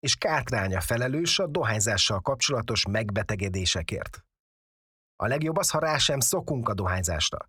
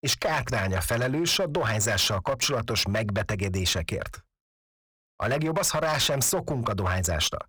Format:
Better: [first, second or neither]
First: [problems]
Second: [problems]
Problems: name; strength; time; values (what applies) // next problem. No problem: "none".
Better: first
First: none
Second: distortion; slight; 10% of the sound clipped